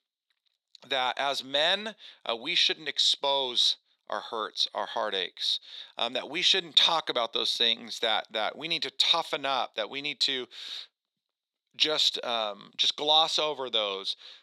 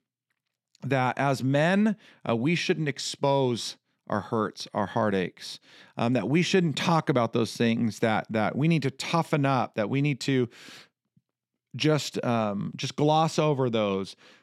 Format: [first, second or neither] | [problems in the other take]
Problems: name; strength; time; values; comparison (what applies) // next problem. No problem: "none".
second | thin; very; fading below 600 Hz